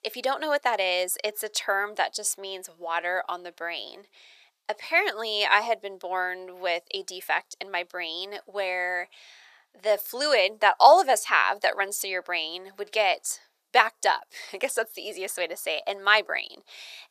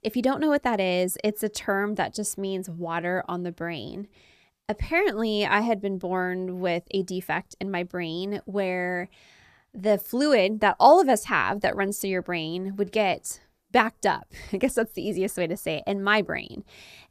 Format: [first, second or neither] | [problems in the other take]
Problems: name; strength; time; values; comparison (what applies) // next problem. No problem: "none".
second | thin; very; fading below 550 Hz